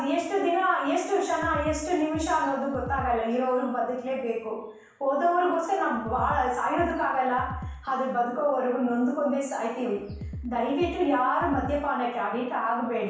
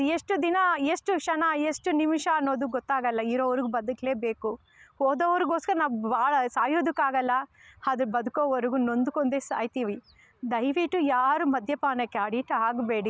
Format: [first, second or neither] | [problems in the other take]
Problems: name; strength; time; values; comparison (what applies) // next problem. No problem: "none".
second | background sound (Drum kit); 12 dB below the speech // room echo; dies away in 0.7 s